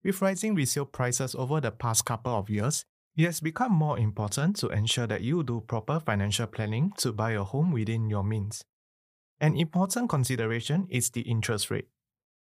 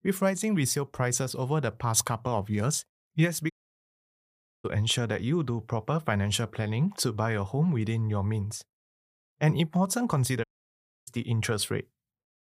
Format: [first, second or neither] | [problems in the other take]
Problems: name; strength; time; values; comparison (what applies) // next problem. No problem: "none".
first | audio cutting out; at 3.5 s for 1 s and at 10 s for 0.5 s